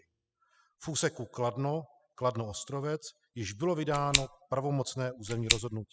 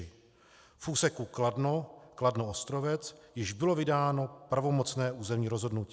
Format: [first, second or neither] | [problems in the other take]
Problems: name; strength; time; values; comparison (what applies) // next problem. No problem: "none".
second | noise reduction (classical method spectral subtraction)